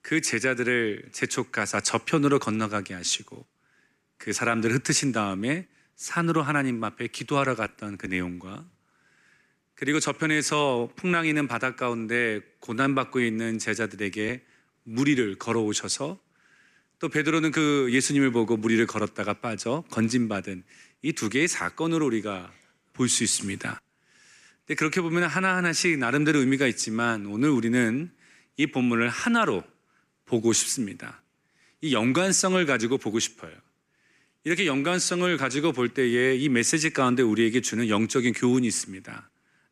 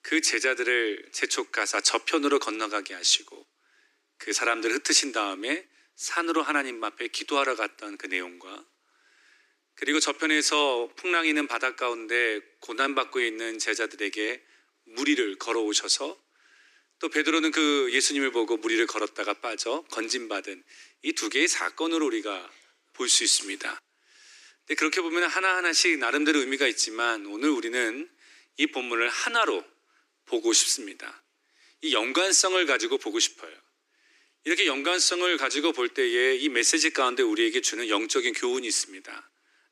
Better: first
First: none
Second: thin; somewhat; fading below 300 Hz

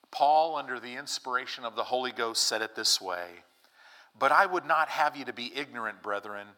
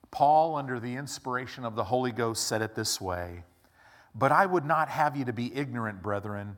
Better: second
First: thin; somewhat; fading below 400 Hz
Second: none

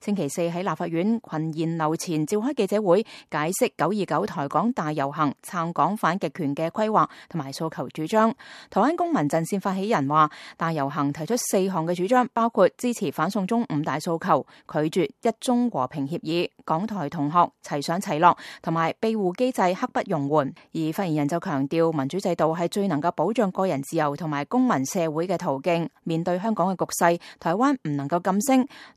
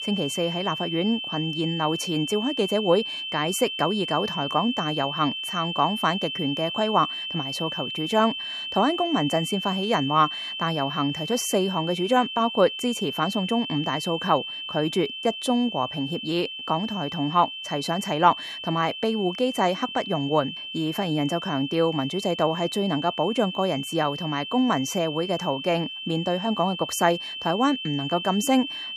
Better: first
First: none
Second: high-pitched whine; loud; throughout; 3 kHz, 6 dB below the speech

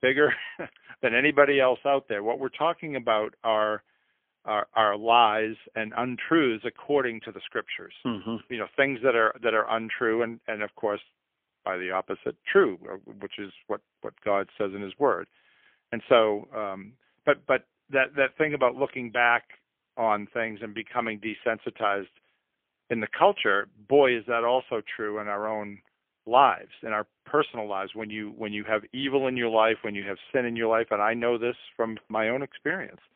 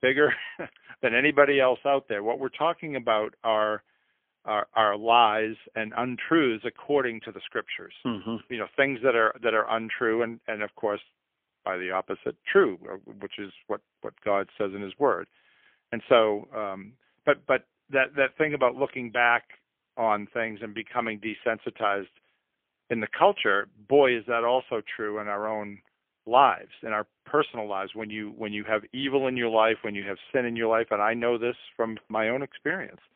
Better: neither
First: phone-call audio; poor line; nothing above 3.5 kHz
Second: phone-call audio; poor line; nothing above 3.5 kHz

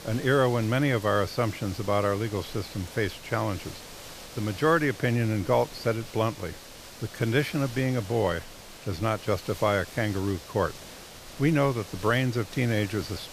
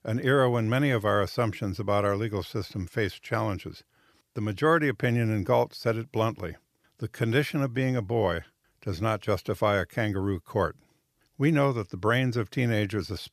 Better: second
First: hiss; noticeable; throughout; 15 dB below the speech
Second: none

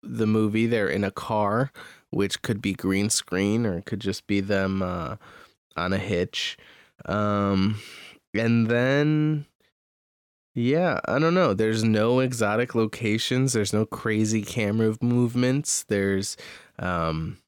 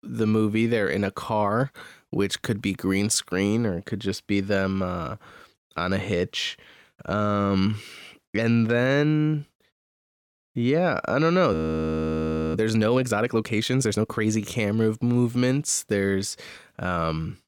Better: first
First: none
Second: audio freezing; at 12 s for 1 s

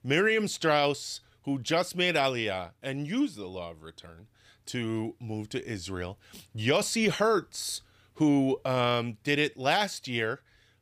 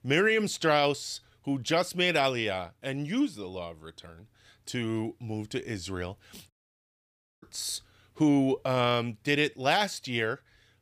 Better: first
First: none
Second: audio cutting out; at 6.5 s for 1 s

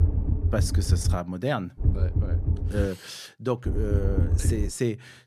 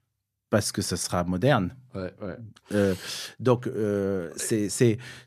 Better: second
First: low rumble; loud; until 1 s, from 2 to 3 s and from 3.5 to 4.5 s; 8 dB below the speech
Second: none

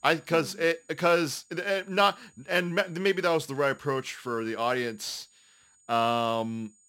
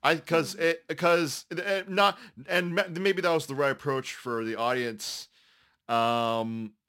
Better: second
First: high-pitched whine; faint; throughout; 7 kHz, 30 dB below the speech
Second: none

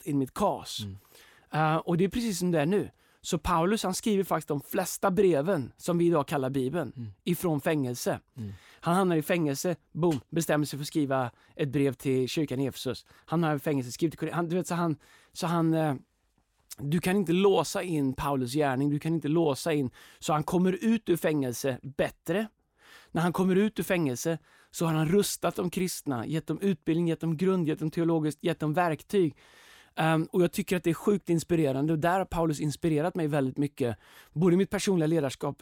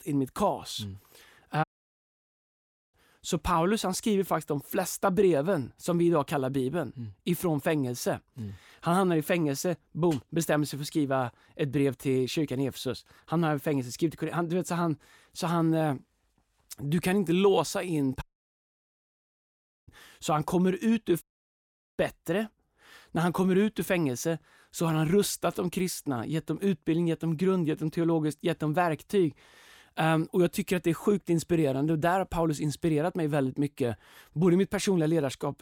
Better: first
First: none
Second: audio cutting out; at 1.5 s for 1.5 s, at 18 s for 1.5 s and at 21 s for 1 s

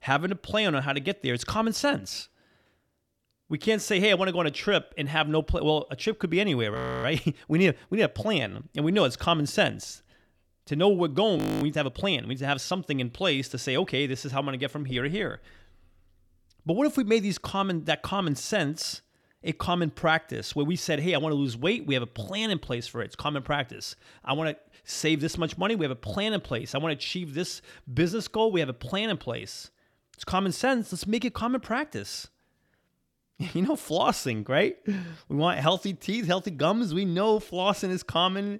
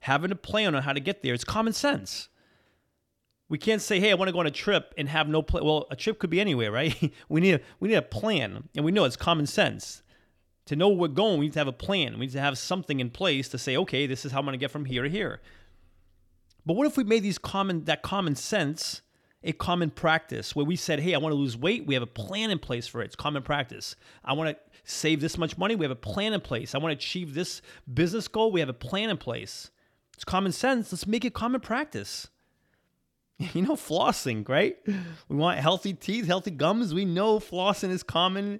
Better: second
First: audio freezing; at 7 s and at 11 s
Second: none

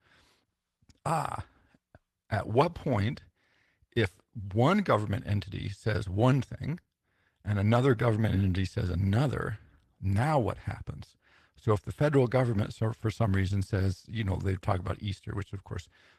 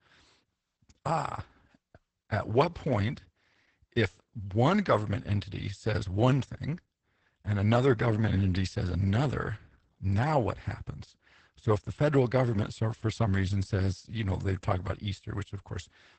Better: first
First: garbled, watery; slightly; nothing above 13.5 kHz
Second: garbled, watery; badly; nothing above 8 kHz

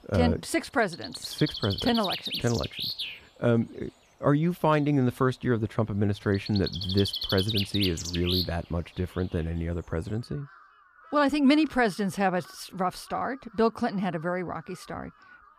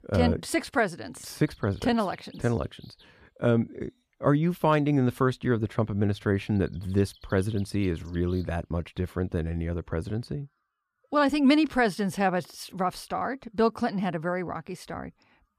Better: second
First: animal sounds; loud; throughout; 4 dB below the speech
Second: animal sounds; faint; throughout; 30 dB below the speech

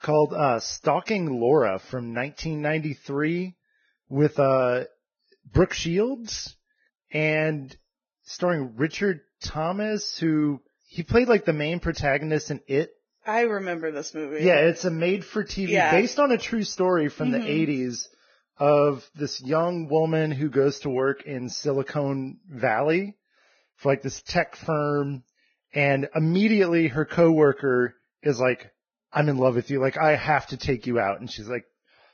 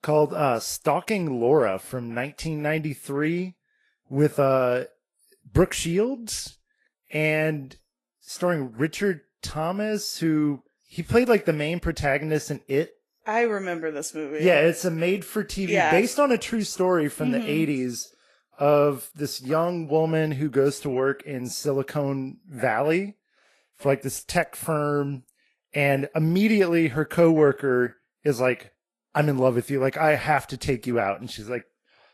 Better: second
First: garbled, watery; badly; nothing above 6.5 kHz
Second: garbled, watery; slightly; nothing above 12.5 kHz

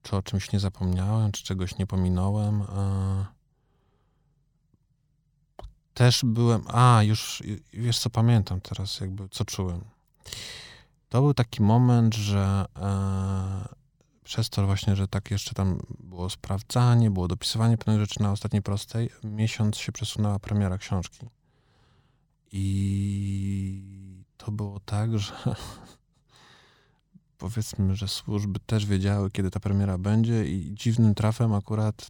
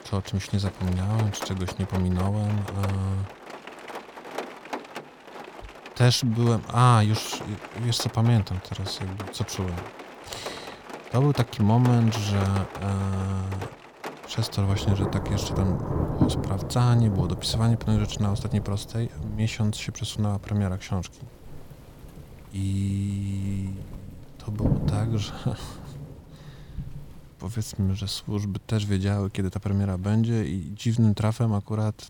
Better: first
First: none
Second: rain or running water; loud; throughout; 9 dB below the speech

